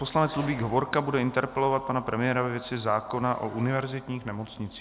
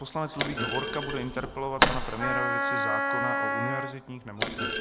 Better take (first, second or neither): first